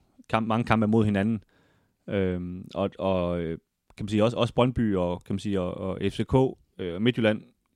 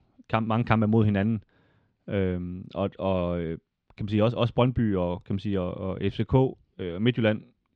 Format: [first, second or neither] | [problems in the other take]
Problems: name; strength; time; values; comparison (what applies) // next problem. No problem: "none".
first | muffled; very slightly; fading above 4 kHz